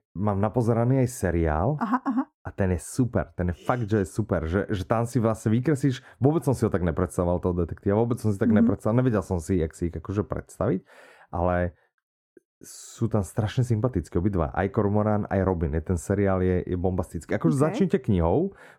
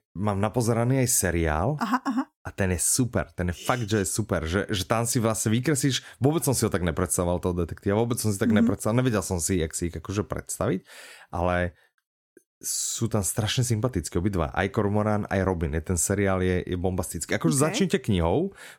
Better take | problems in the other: second | muffled; very; fading above 2 kHz

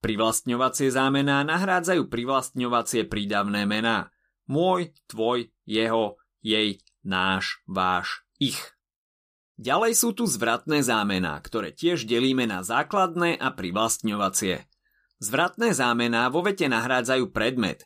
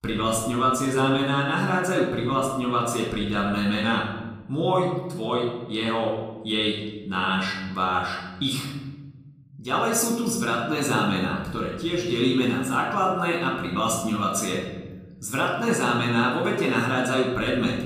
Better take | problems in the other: first | off-mic speech; somewhat distant // room echo; noticeable; dies away in 1.7 s

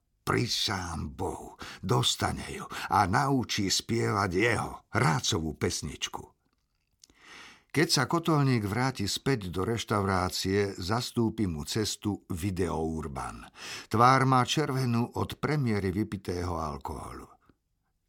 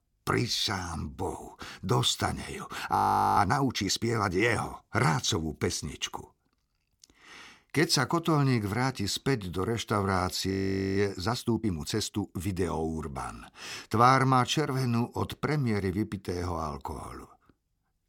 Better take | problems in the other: first | audio freezing; at 3 s and at 11 s

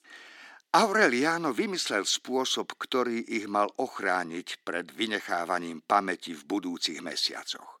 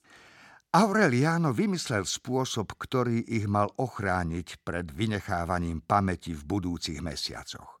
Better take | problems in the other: second | thin; somewhat; fading below 300 Hz

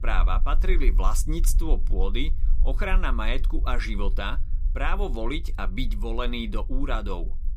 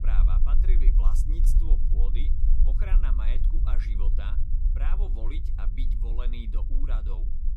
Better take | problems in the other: first | low rumble; loud; throughout; 5 dB below the speech; faint in the first

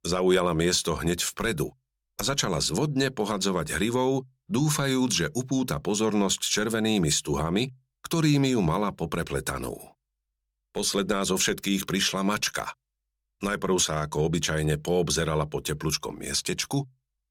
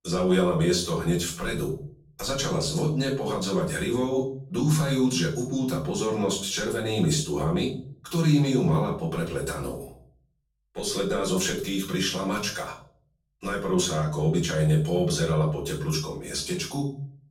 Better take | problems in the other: first | off-mic speech; far // room echo; noticeable; dies away in 0.5 s

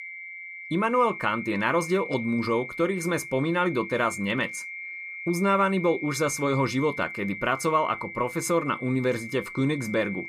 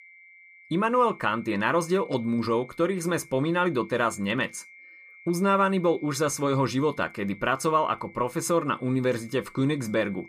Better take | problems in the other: second | high-pitched whine; loud; throughout; 2 kHz, 10 dB below the speech; faint in the second

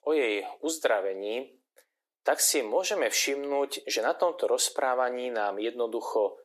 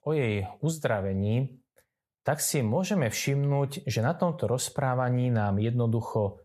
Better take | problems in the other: second | thin; very; fading below 300 Hz

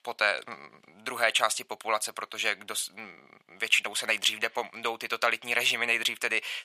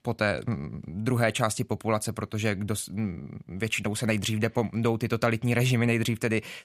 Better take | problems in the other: second | thin; very; fading below 850 Hz

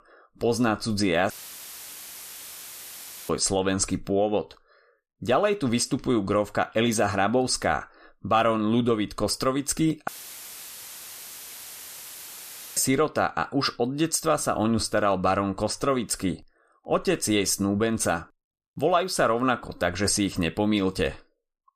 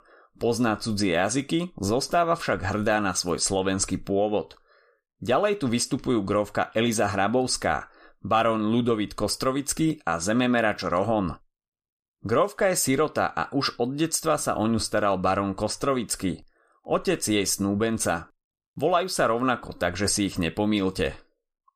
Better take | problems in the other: second | audio cutting out; filled with static; at 1.5 s for 2 s and at 10 s for 2.5 s

